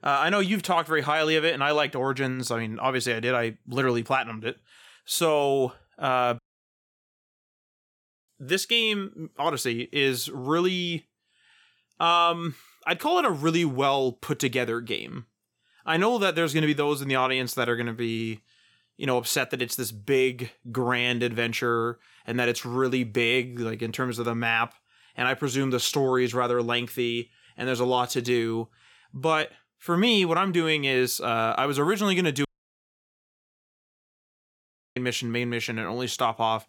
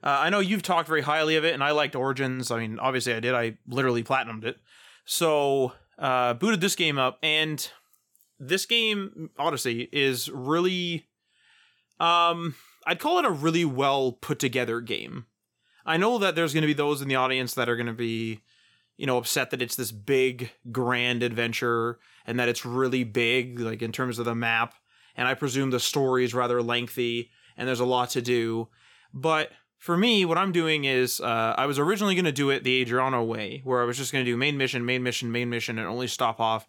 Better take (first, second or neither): second